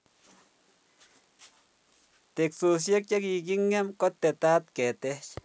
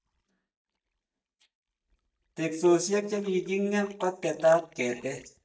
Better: first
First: none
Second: noise reduction (neural mask model DeepFilterNet 3)

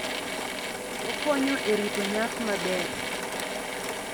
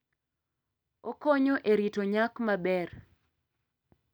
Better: second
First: background sound (Drill / Mechanisms); as loud as the speech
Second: none

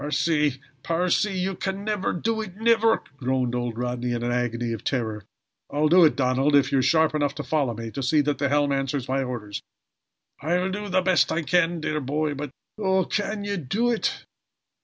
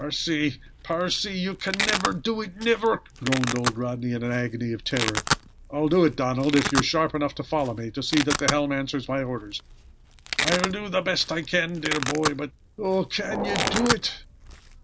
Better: first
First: none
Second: background sound (Domestic sounds, home sounds + Train); 5 dB below the speech

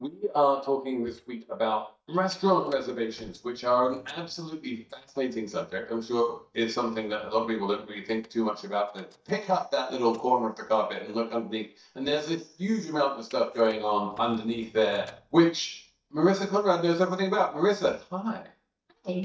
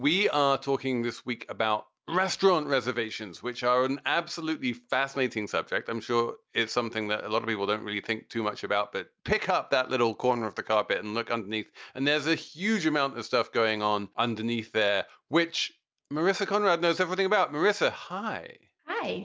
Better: second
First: noise reduction (neural mask model DeepFilterNet 3)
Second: none

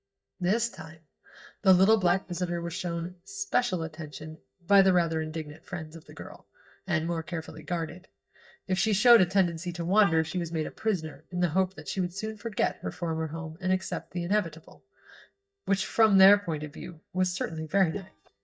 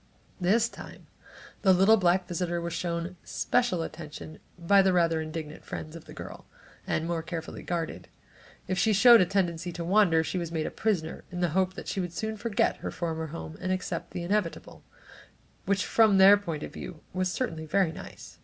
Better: second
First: noise reduction (neural mask model DeepFilterNet 3)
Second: none

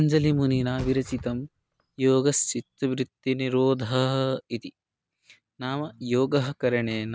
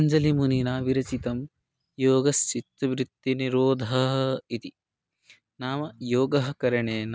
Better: second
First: background sound (Thump, thud); 19 dB below the speech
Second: none

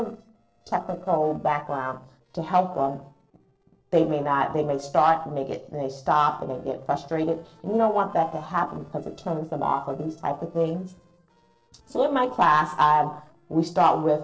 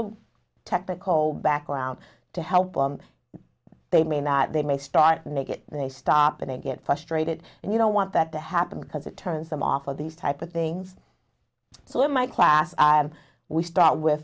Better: second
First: noise reduction (neural separator model SepFormer DNS4)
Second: none

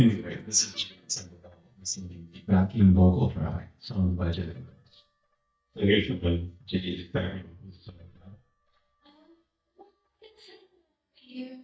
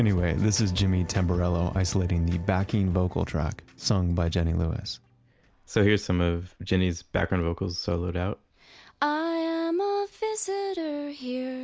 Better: second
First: noise reduction (neural mask model DeepFilterNet 3)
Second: none

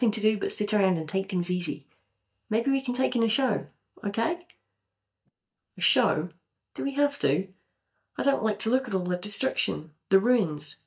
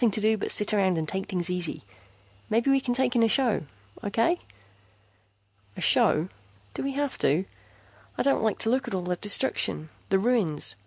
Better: second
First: noise reduction (neural mask model DeepFilterNet 3)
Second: none

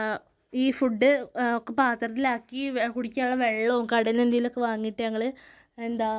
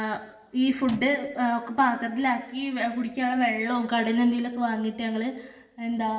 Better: first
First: none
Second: background sound (Microwave oven); 18 dB below the speech // room echo; dies away in 0.9 s

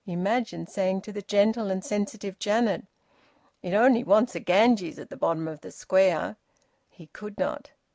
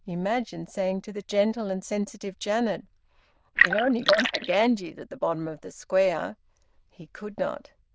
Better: first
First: none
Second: noise reduction (neural diffusion model UNIVERSE++)

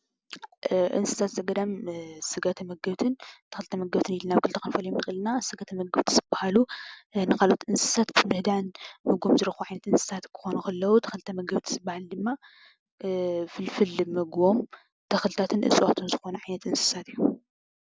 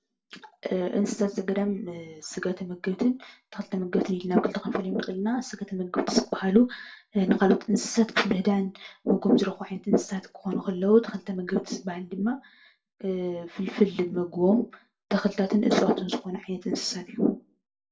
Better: first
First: none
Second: room echo; dies away in 0.2 s

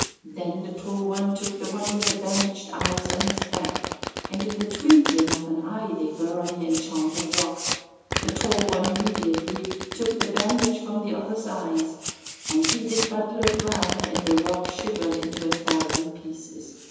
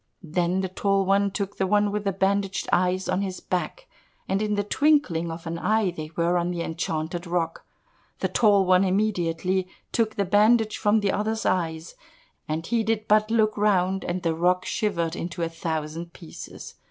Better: second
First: background sound (Domestic sounds, home sounds); 4 dB below the speech // room echo; dies away in 1.1 s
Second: none

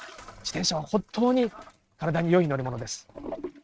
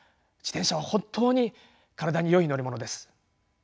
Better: second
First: noise reduction (neural mask model RNNoise)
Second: none

